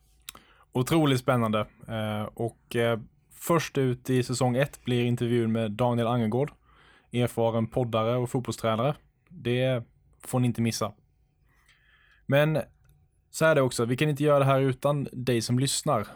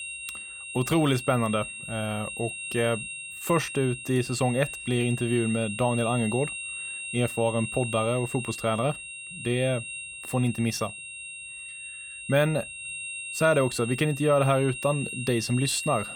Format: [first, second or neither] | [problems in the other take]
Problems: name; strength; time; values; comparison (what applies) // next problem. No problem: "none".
first | high-pitched whine; loud; throughout; 2.5 kHz, 8 dB below the speech